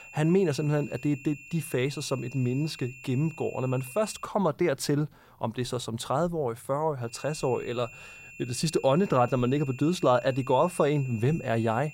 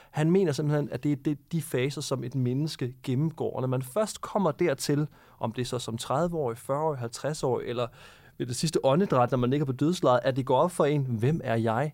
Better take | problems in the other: second | high-pitched whine; noticeable; until 4 s and from 7 s on; 2.5 kHz, 15 dB below the speech

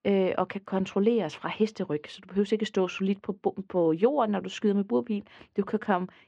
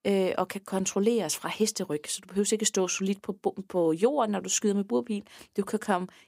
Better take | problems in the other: second | muffled; very; fading above 3 kHz

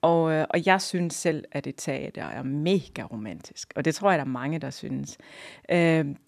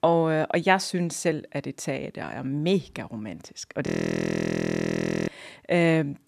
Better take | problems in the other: first | audio freezing; at 4 s for 1.5 s

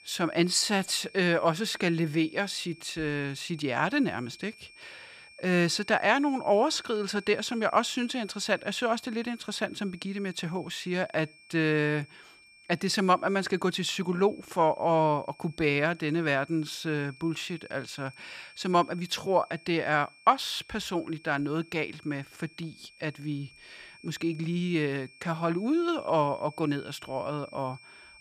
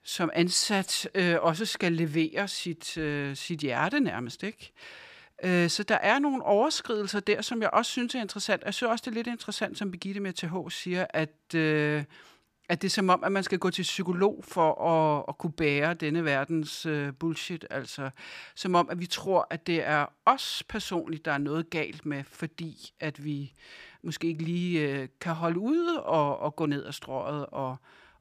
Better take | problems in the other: second | high-pitched whine; faint; throughout; 2.5 kHz, 25 dB below the speech

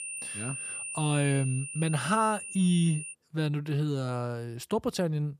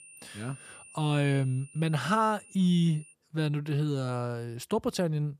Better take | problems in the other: second | high-pitched whine; loud; until 3 s; 9 kHz, 7 dB below the speech; faint in the second

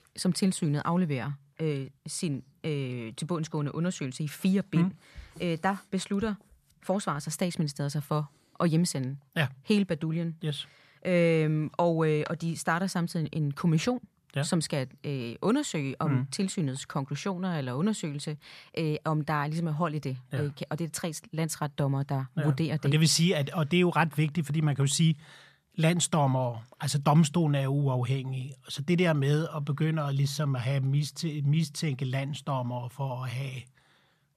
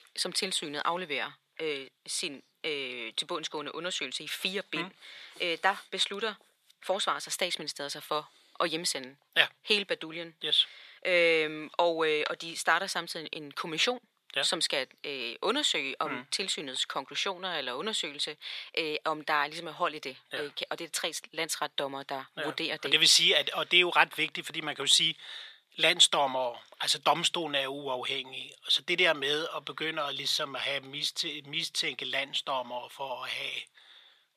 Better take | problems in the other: first | thin; very; fading below 400 Hz

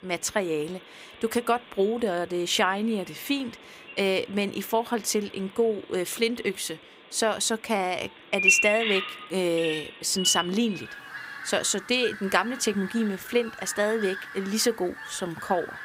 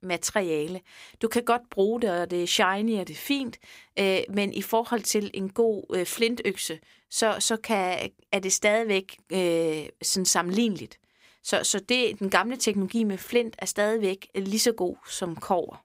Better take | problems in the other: second | animal sounds; loud; throughout; 3 dB below the speech

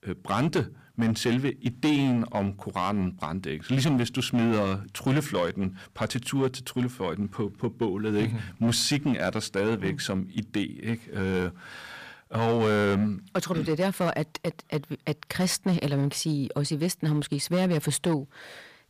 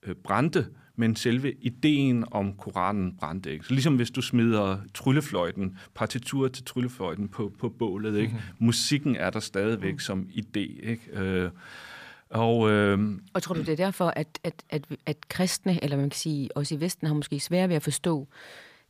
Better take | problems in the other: second | distortion; slight; 7% of the sound clipped

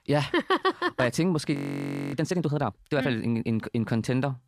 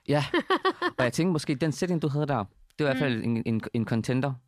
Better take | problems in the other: second | audio freezing; at 1.5 s for 0.5 s

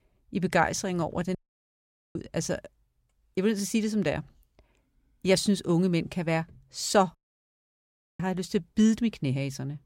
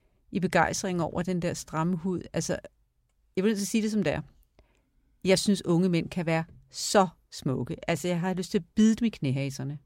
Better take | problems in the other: second | audio cutting out; at 1.5 s for 1 s and at 7 s for 1 s

